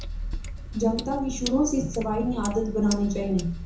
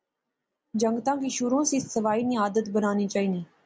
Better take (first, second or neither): second